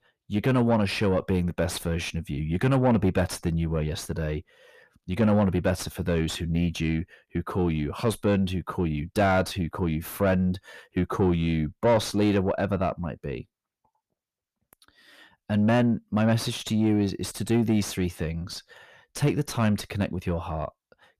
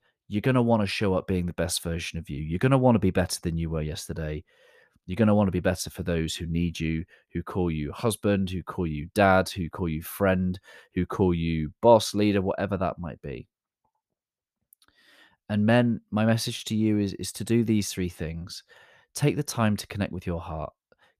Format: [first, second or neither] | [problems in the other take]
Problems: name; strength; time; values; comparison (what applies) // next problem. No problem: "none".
second | distortion; slight; 10 dB below the speech